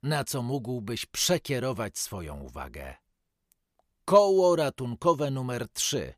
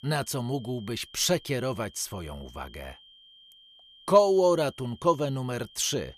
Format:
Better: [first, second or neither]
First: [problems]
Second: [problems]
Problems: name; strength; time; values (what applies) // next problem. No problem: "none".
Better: first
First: none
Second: high-pitched whine; faint; throughout; 3 kHz, 25 dB below the speech